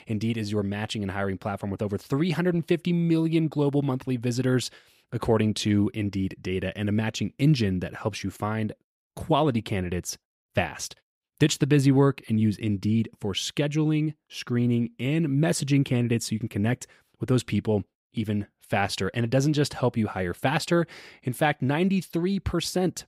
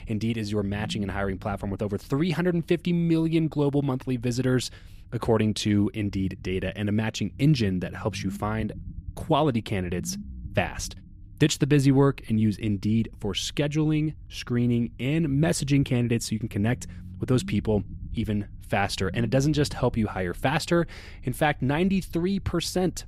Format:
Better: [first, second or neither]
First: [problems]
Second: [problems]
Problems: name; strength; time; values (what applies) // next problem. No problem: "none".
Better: first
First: none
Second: low rumble; faint; throughout; 25 dB below the speech